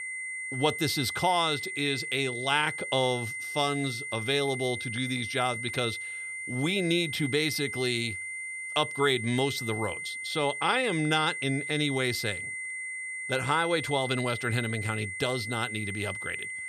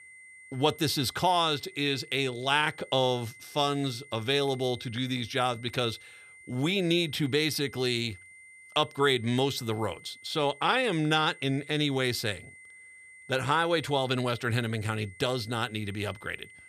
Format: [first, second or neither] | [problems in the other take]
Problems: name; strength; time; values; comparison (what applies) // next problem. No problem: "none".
second | high-pitched whine; loud; throughout; 2 kHz, 5 dB below the speech; faint in the second